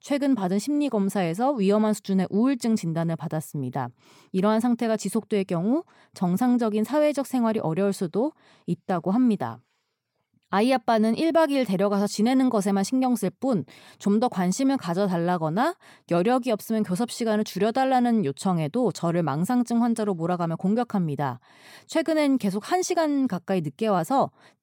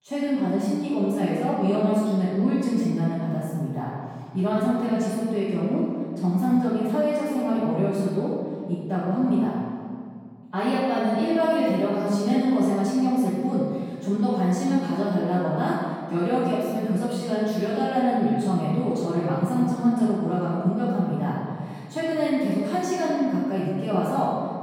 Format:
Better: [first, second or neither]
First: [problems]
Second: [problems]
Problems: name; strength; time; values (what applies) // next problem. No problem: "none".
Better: first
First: none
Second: off-mic speech; far // room echo; strong; dies away in 2 s